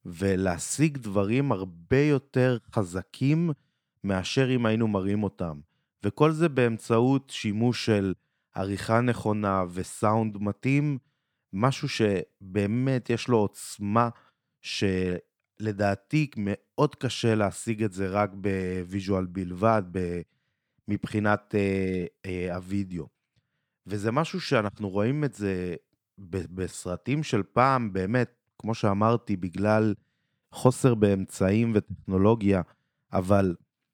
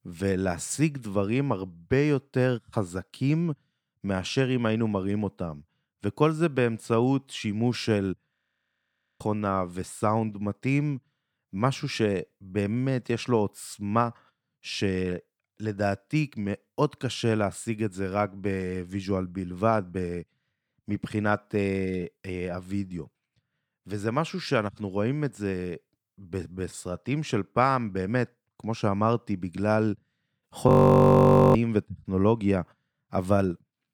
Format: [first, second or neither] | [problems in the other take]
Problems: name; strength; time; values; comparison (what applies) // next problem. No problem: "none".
first | audio freezing; at 8.5 s for 1 s and at 31 s for 1 s